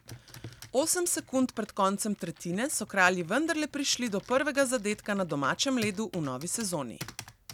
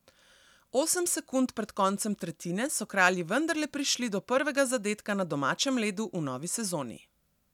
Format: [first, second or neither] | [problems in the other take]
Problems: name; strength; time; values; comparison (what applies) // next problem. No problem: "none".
second | background sound (Computer keyboard); 19 dB below the speech